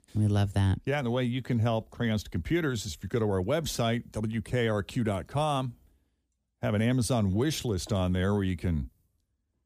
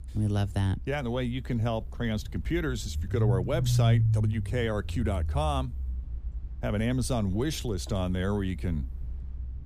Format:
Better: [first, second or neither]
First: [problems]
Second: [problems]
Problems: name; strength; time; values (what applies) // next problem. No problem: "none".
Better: first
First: none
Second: low rumble; loud; throughout; 9 dB below the speech